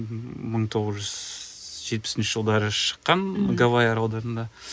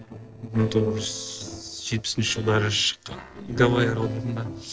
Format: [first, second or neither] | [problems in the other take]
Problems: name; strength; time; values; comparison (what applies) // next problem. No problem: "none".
first | noise reduction (neural separator model SepFormer DNS4)